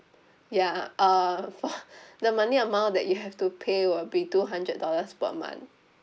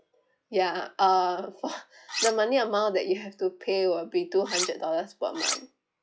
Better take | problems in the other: first | noise reduction (classical method log-MMSE)

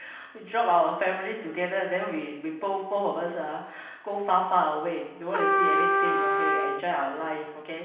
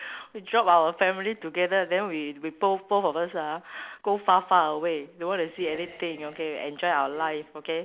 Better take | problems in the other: second | background sound (Trumpet); 3 dB above the speech // room echo; dies away in 0.9 s

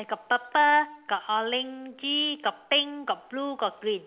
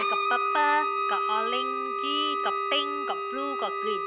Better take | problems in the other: first | background sound (Bowed string instrument + Wind instrument, woodwind instrument); 3 dB above the speech

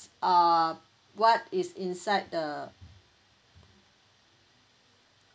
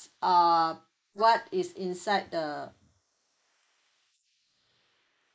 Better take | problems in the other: first | noise reduction (neural mask model Resemble Enhance denoiser)

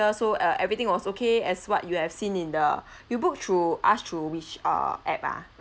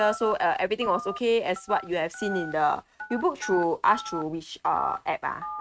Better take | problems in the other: first | noise reduction (neural mask model RNNoise)

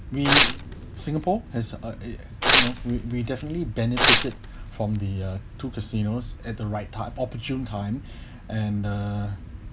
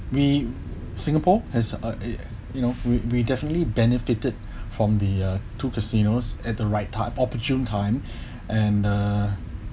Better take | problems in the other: second | background sound (Tearing); 4 dB above the speech

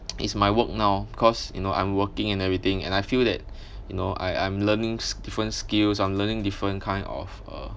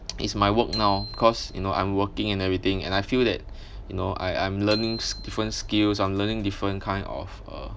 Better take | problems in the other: first | background sound (Bicycle bell); 16 dB below the speech

